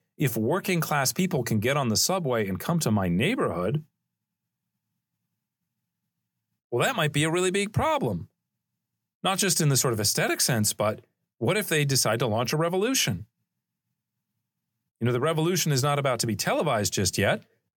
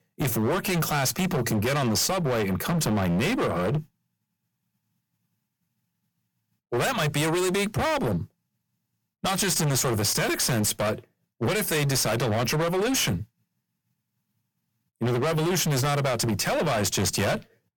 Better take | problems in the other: first | distortion; heavy; 27% of the sound clipped

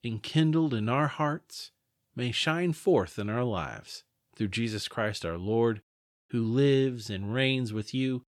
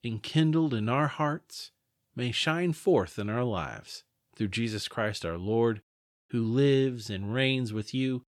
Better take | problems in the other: neither | none

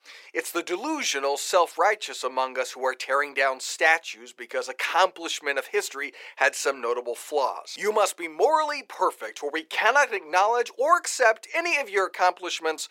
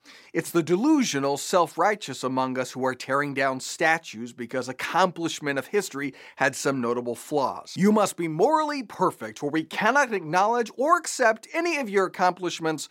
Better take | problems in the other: second | thin; very; fading below 450 Hz

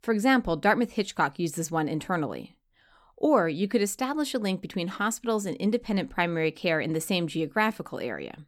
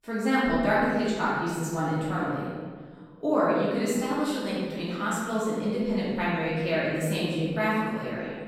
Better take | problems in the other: first | room echo; strong; dies away in 1.5 s // off-mic speech; far

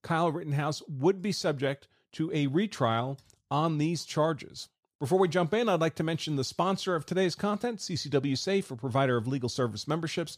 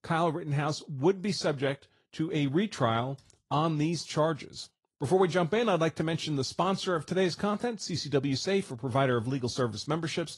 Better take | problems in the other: first | garbled, watery; slightly; nothing above 11 kHz

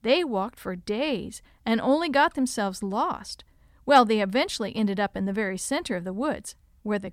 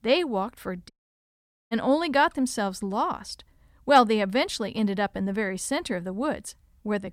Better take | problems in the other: first | audio cutting out; at 1 s for 1 s

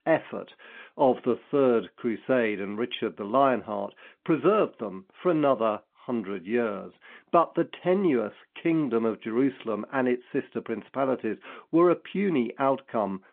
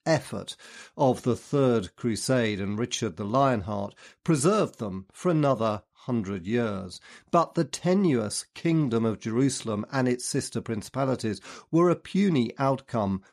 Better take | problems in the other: second | phone-call audio; nothing above 3.5 kHz

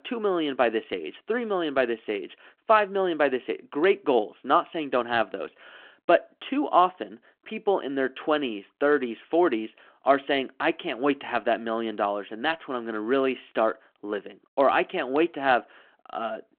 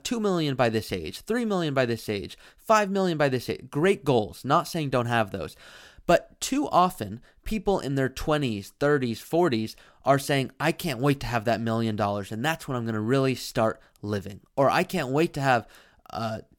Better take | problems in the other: second | phone-call audio

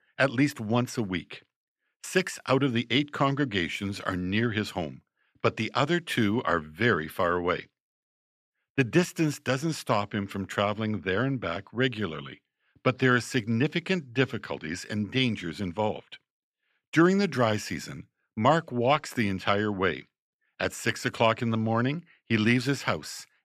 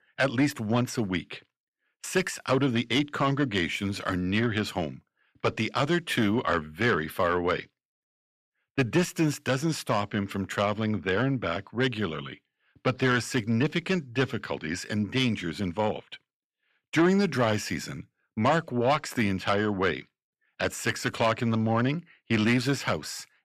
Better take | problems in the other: first | distortion; slight; 10 dB below the speech

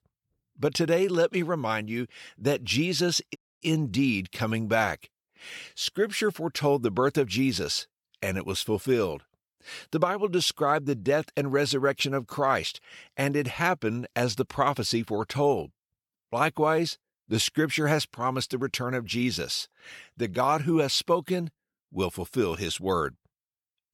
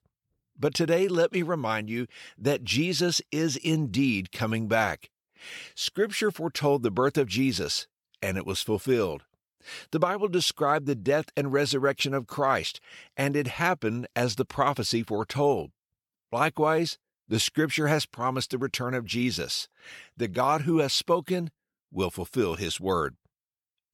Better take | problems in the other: second | audio cutting out; at 3.5 s

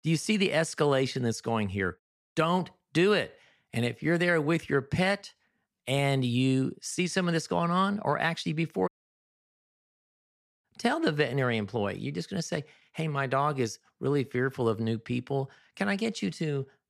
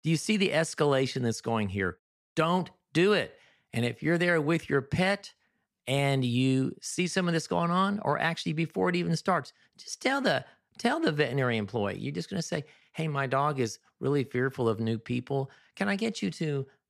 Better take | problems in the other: second | audio cutting out; at 9 s for 2 s

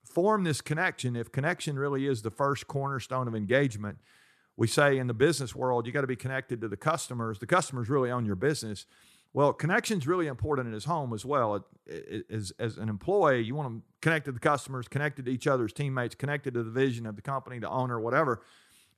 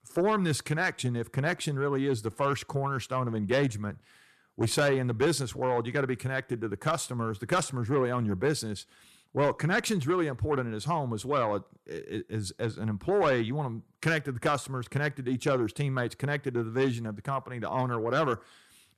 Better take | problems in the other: first | distortion; slight; 10 dB below the speech

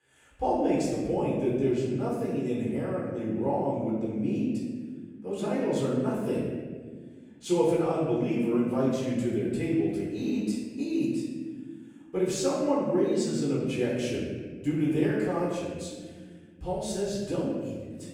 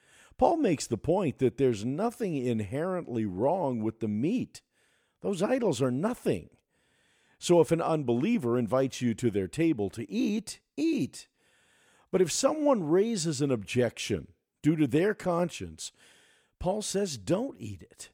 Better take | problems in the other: second | off-mic speech; far // room echo; noticeable; dies away in 1.6 s

